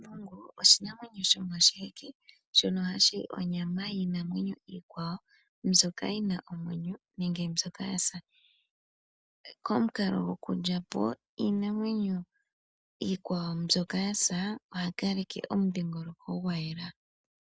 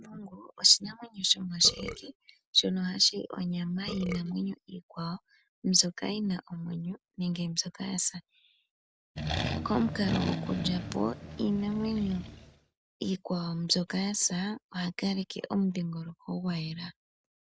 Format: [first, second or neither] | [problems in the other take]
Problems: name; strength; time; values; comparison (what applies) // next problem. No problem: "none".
first | background sound (Accelerating, revving, vroom + Burping, eructation); 5 dB below the speech